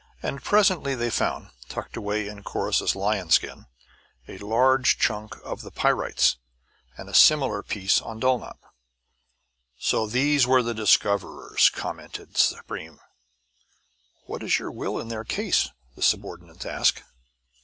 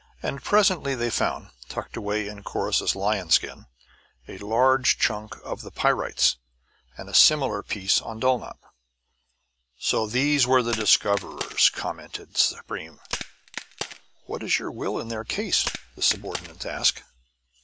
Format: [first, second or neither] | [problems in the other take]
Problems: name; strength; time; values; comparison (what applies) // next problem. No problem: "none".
first | background sound (Crack); 10 dB below the speech